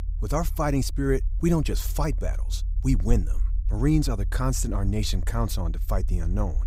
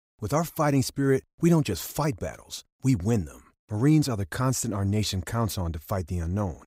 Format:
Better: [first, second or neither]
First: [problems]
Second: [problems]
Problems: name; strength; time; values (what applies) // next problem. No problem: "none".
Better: second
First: low rumble; faint; throughout; 20 dB below the speech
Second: none